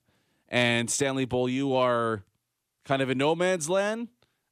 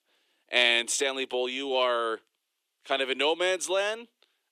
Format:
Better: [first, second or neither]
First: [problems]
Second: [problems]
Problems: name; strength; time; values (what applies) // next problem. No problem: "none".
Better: first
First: none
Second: thin; somewhat; fading below 350 Hz